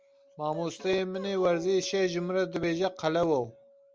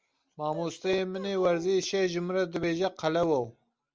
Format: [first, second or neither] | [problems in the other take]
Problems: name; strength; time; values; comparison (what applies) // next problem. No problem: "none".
second | background sound (Acoustic guitar); 19 dB below the speech